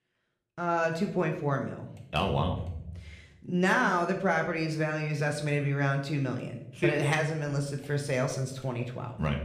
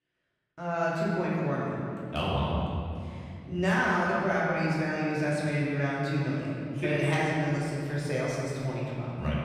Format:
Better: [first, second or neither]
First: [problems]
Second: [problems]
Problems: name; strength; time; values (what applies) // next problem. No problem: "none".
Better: first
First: room echo; slight; dies away in 0.6 s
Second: room echo; strong; dies away in 2.6 s // off-mic speech; far